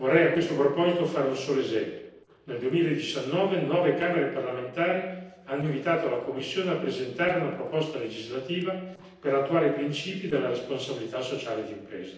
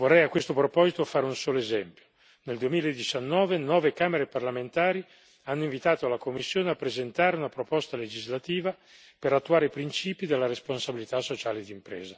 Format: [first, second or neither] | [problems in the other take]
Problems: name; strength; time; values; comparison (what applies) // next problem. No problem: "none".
second | noise reduction (neural separator model SepFormer DNS4)